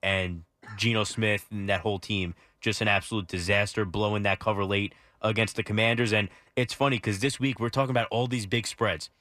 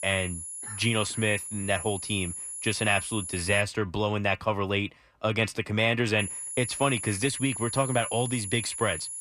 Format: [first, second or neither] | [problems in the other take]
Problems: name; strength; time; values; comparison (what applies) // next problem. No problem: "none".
first | high-pitched whine; loud; until 3.5 s and from 6 s on; 10.5 kHz, 6 dB below the speech